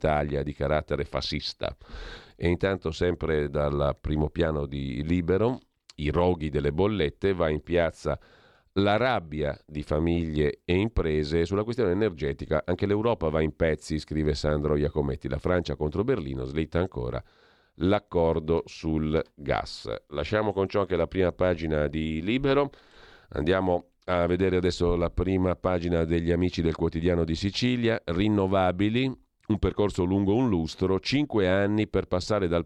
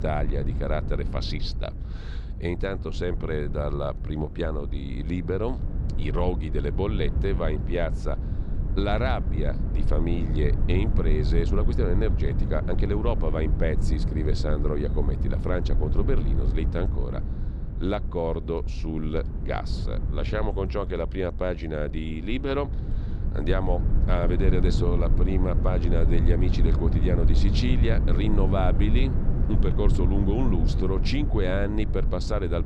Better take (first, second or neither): first